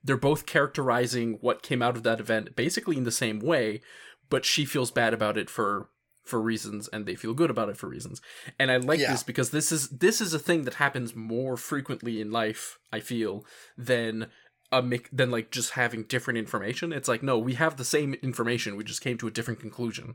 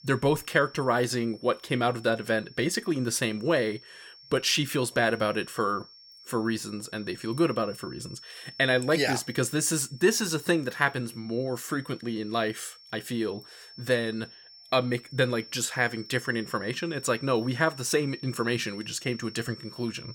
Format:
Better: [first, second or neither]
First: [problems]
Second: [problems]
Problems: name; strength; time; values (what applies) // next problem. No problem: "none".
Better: first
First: none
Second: high-pitched whine; noticeable; throughout; 5.5 kHz, 20 dB below the speech